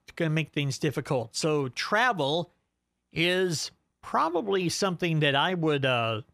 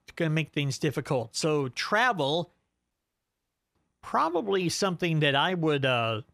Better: first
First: none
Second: audio cutting out; at 3 s for 1 s

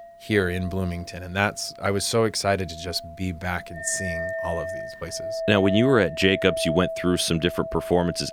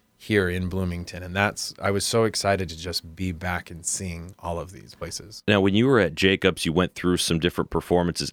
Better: second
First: household noises; loud; throughout; 8 dB below the speech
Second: none

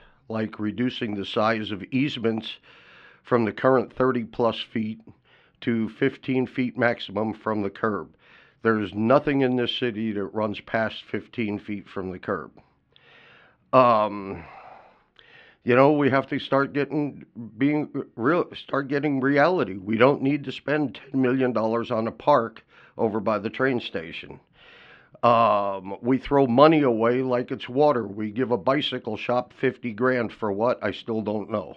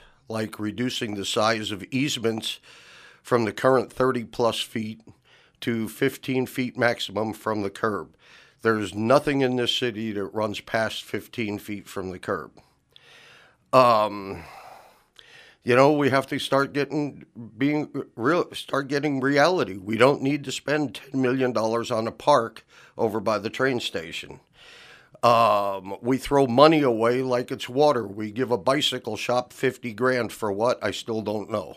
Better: second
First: muffled; slightly; fading above 3 kHz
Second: none

